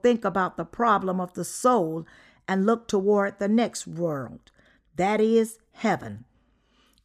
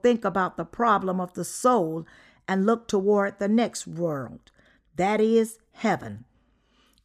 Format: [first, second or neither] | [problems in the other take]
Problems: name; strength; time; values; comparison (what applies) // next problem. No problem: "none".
neither | none